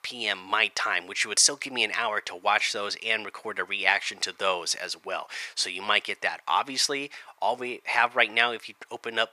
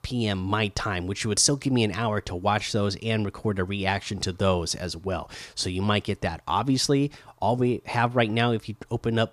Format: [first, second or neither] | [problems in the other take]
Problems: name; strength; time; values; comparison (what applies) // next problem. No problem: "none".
second | thin; very; fading below 700 Hz